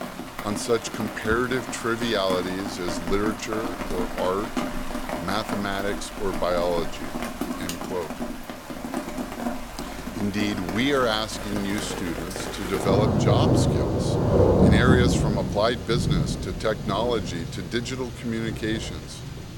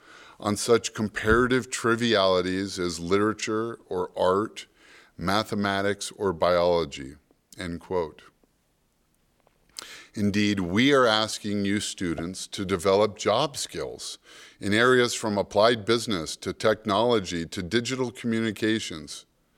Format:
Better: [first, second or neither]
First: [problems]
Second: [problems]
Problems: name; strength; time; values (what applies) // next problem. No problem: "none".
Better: second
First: rain or running water; loud; throughout; as loud as the speech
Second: none